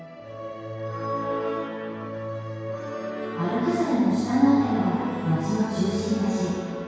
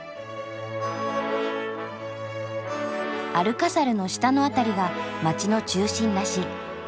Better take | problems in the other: second | room echo; dies away in 2 s

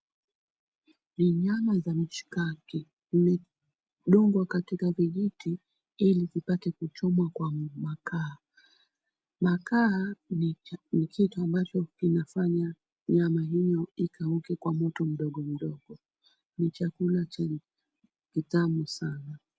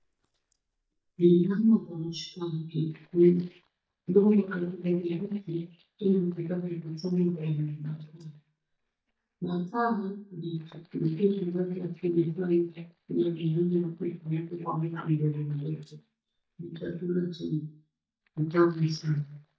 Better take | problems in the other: first | noise reduction (neural mask model DeepFilterNet 3)

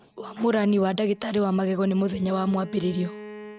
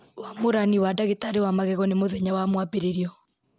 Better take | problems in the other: second | background sound (Bowed string instrument); 18 dB below the speech

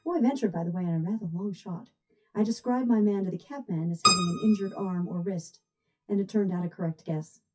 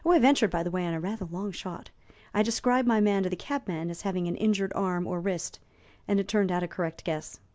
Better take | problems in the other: second | noise reduction (classical method WPE with log-MMSE)

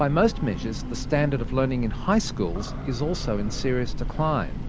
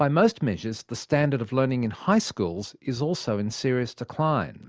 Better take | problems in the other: second | background sound (Train / Breathing); 4 dB below the speech

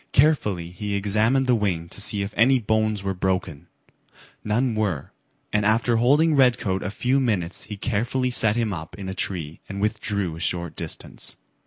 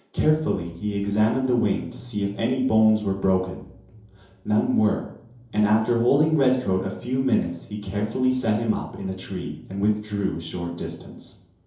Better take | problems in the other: first | room echo; dies away in 2.8 s

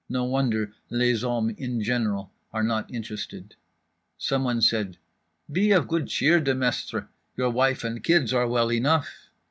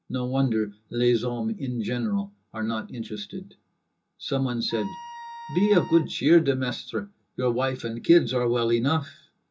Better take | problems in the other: first | background sound (Wind instrument, woodwind instrument); 15 dB below the speech // room echo; dies away in 0.2 s

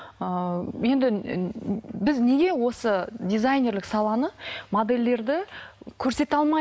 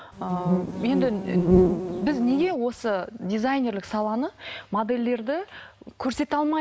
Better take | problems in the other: first | background sound (Insect); 2 dB above the speech

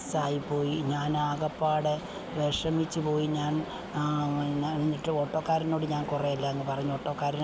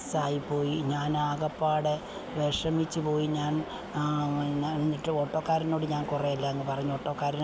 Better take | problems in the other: second | background sound (Snare drum); 20 dB below the speech

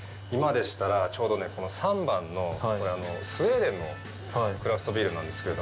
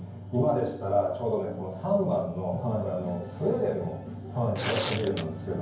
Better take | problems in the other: first | background sound (Tearing); 6 dB below the speech // room echo; dies away in 0.9 s

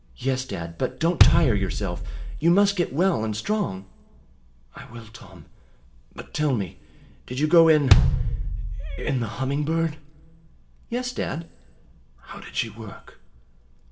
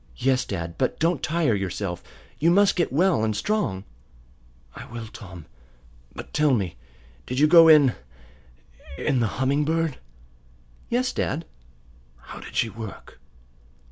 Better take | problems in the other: second | background sound (Bass drum); 4 dB above the speech // room echo; dies away in 0.5 s

